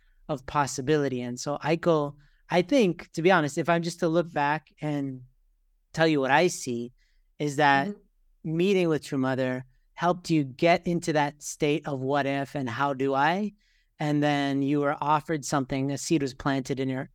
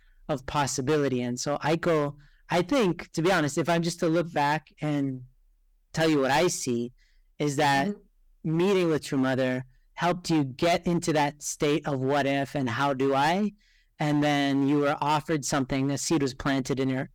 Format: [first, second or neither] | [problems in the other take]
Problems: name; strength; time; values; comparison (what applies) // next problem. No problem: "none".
first | distortion; heavy; 12% of the sound clipped